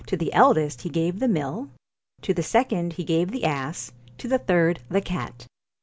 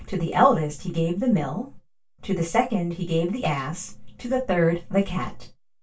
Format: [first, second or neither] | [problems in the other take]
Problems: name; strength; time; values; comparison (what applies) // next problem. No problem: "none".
first | room echo; dies away in 0.2 s